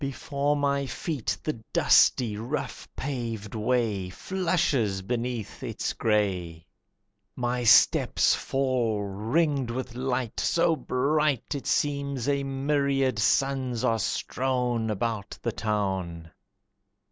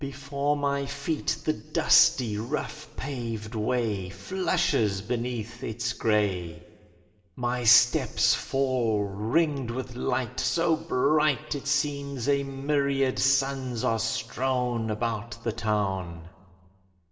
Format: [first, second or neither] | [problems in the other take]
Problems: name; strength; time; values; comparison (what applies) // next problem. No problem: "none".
first | room echo; dies away in 1.3 s